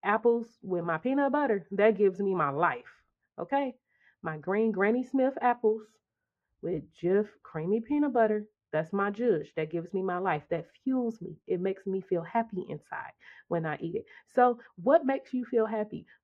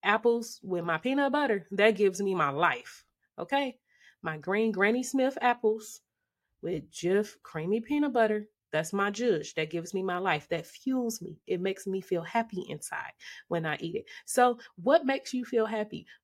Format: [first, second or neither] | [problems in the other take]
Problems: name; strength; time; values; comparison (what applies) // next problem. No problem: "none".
second | muffled; very; fading above 3.5 kHz